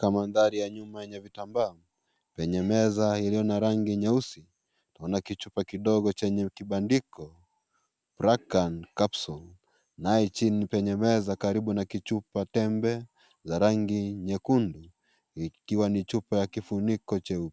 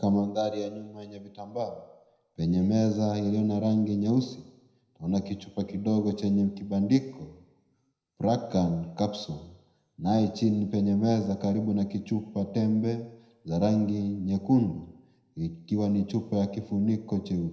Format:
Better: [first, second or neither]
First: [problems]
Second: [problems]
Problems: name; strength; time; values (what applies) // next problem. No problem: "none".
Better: first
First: none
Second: room echo; dies away in 0.7 s